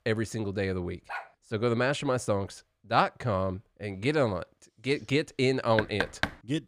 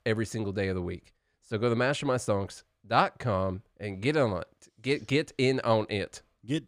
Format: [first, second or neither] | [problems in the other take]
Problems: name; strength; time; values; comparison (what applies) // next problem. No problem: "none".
second | dog barking; faint; at 1 s; peak 10 dB below the speech // door banging; noticeable; at 6 s; peak 2 dB below the speech